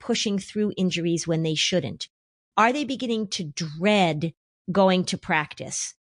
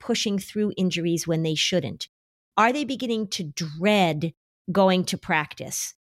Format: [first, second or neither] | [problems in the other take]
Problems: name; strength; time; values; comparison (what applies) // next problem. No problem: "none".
second | garbled, watery; slightly